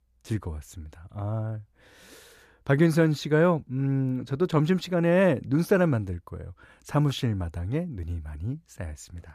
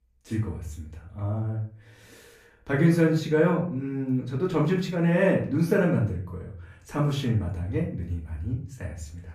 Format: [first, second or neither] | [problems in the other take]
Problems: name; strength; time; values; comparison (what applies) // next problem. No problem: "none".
first | off-mic speech; far // room echo; slight; dies away in 0.4 s